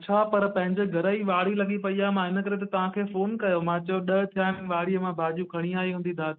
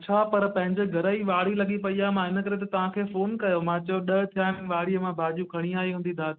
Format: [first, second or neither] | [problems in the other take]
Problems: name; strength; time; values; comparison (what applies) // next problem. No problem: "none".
second | noise reduction (neural mask model Resemble Enhance denoiser)